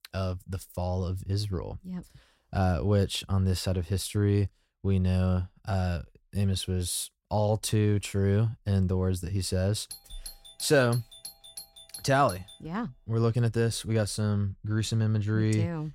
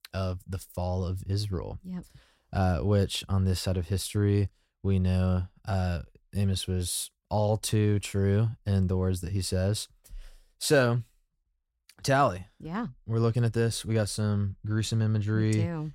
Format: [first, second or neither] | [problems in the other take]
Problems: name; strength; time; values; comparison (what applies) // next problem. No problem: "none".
second | doorbell; faint; from 10 to 13 s; peak 15 dB below the speech